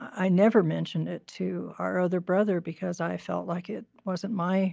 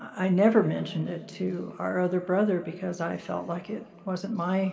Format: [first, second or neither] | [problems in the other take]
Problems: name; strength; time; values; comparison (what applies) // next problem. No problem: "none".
first | room echo; dies away in 2.2 s